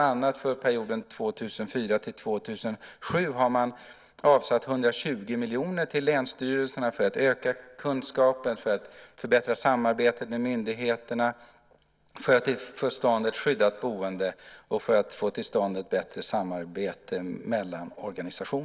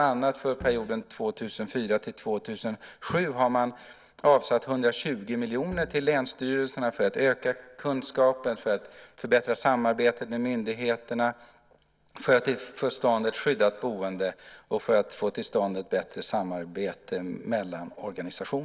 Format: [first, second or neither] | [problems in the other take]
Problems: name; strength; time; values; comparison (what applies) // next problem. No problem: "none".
first | background sound (Bowed string instrument); 18 dB below the speech